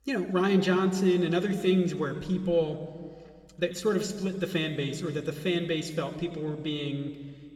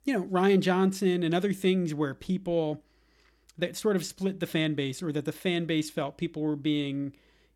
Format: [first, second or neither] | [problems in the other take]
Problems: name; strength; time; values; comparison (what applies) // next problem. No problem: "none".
second | room echo; slight; dies away in 2 s